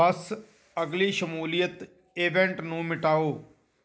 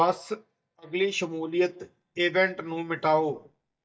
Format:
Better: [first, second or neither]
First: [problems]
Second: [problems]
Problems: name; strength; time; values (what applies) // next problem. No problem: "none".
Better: first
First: none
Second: noise reduction (neural mask model DeepFilterNet 3)